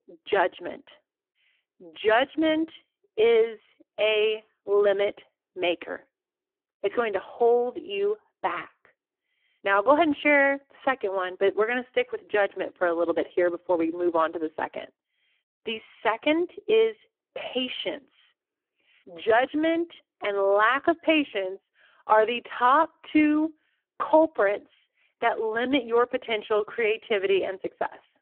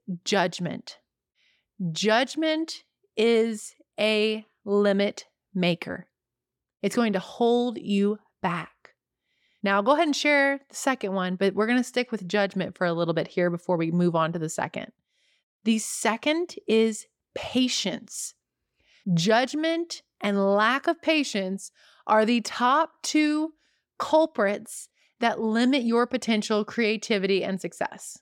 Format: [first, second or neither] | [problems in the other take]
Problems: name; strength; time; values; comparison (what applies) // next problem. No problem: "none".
second | phone-call audio; poor line; nothing above 3 kHz